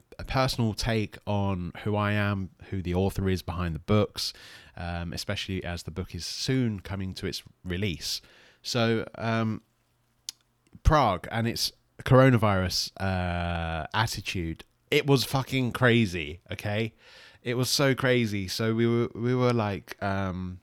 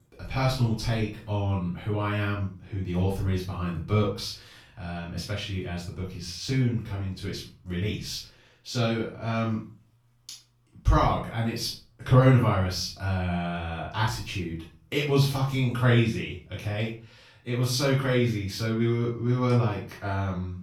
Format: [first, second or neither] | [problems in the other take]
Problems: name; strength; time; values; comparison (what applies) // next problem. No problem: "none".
first | off-mic speech; far // room echo; noticeable; dies away in 0.3 s